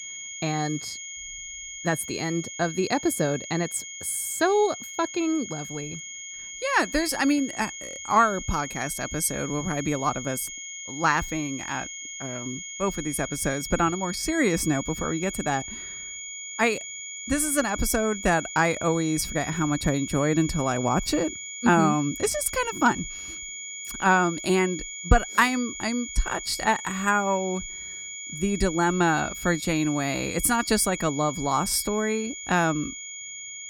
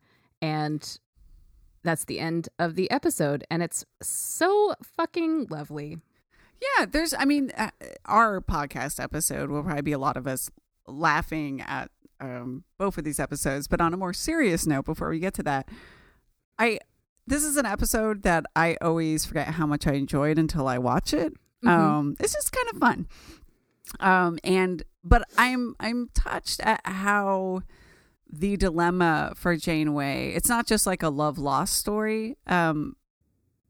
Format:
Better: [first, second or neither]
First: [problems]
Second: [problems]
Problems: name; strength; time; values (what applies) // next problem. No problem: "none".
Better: second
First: high-pitched whine; loud; throughout; 7 kHz, 9 dB below the speech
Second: none